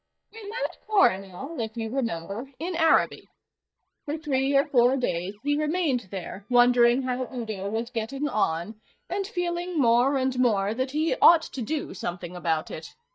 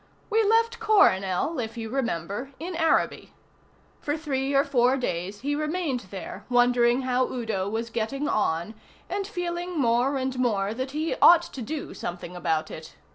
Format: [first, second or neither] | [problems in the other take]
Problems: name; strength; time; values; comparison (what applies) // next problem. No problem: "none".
second | noise reduction (neural mask model DeepFilterNet 3)